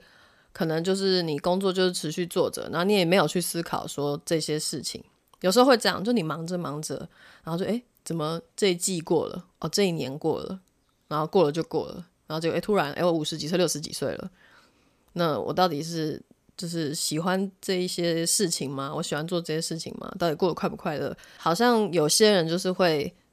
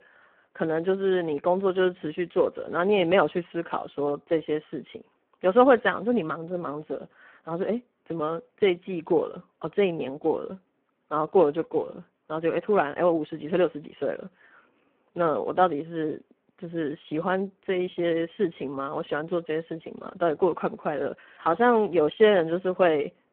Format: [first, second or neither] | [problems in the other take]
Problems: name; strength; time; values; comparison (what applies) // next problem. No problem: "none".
first | phone-call audio; poor line